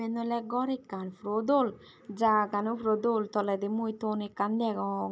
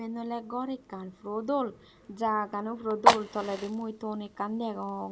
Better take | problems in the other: first | background sound (Fire); as loud as the speech

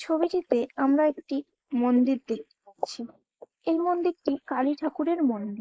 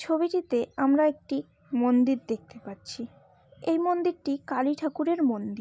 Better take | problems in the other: second | noise reduction (neural mask model Resemble Enhance denoiser)

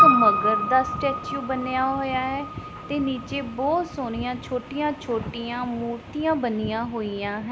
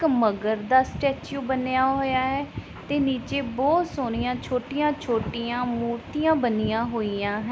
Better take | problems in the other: second | background sound (Piano); 1 dB below the speech

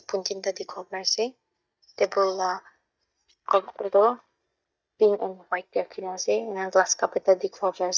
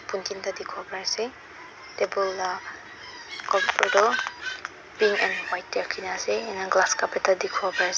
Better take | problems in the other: second | noise reduction (neural mask model DeepFilterNet 3)

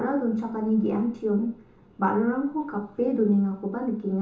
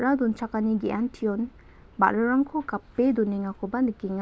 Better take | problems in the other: second | room echo; dies away in 0.8 s

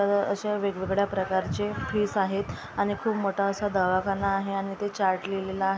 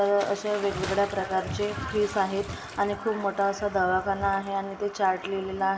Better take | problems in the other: first | background sound (Bathtub (filling or washing) / Splash, splatter); 16 dB below the speech // room echo; dies away in 2.8 s

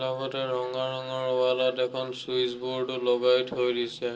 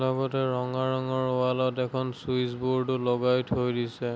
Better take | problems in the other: second | noise reduction (neural separator model SepFormer DNS4)

